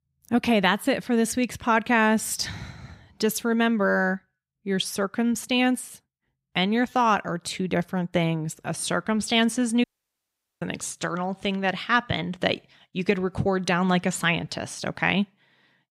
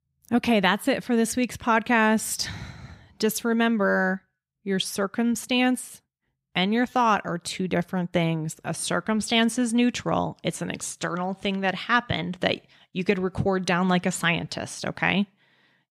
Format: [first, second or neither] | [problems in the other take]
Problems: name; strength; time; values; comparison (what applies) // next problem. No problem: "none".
second | audio cutting out; at 10 s for 1 s